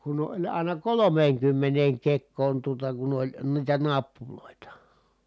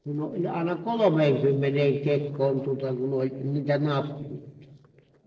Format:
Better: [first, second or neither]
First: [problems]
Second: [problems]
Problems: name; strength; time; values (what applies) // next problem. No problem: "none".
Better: first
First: none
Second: noise reduction (neural separator model SepFormer DNS4)